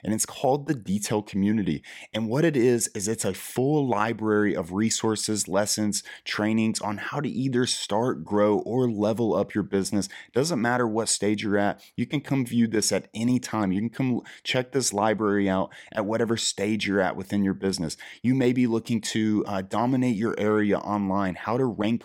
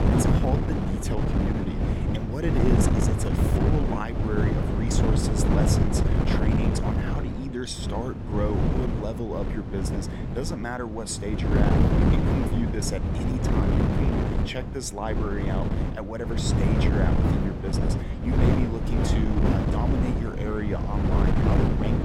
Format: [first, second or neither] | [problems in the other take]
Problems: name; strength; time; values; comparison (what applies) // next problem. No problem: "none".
first | wind noise on the microphone; heavy; 2 dB above the speech